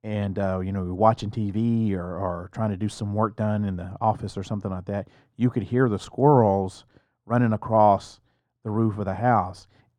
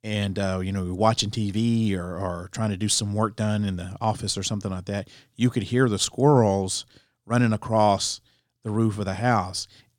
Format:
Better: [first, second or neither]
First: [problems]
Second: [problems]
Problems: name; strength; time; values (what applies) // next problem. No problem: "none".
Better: second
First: muffled; very; fading above 2.5 kHz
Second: none